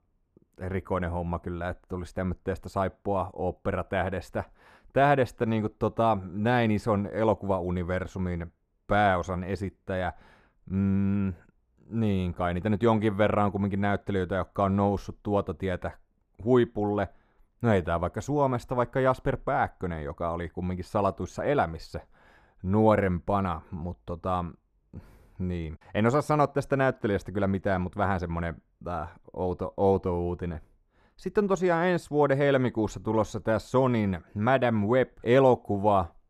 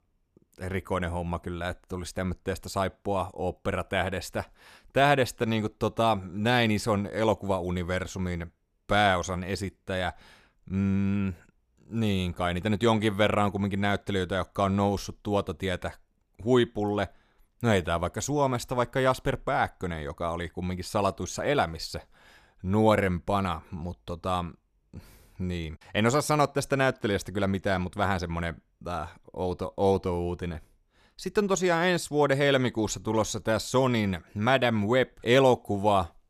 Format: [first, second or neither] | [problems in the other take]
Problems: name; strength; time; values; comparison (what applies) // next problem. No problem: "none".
second | muffled; slightly; fading above 2.5 kHz